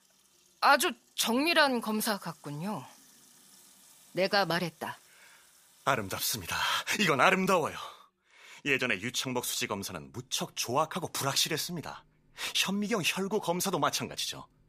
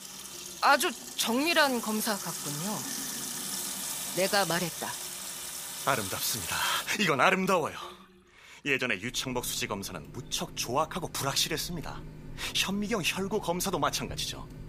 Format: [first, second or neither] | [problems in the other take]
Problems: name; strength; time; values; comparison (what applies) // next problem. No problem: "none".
first | household noises; loud; throughout; 7 dB below the speech; faint in the first